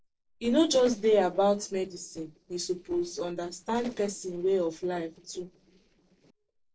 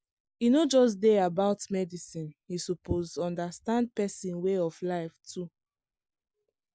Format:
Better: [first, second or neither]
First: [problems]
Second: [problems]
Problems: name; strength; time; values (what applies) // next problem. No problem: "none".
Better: second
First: noise reduction (neural separator model SepFormer DNS4)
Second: none